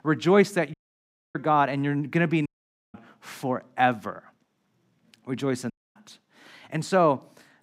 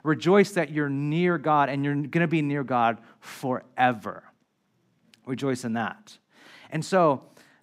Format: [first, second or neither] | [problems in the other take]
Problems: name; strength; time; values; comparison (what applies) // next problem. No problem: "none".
second | audio cutting out; at 0.5 s for 0.5 s, at 2.5 s and at 5.5 s